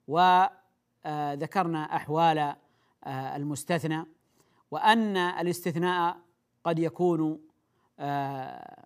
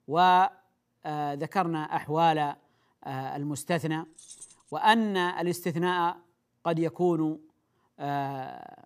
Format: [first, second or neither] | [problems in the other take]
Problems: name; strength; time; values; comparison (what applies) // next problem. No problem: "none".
first | jangling keys; faint; at 4 s; peak 20 dB below the speech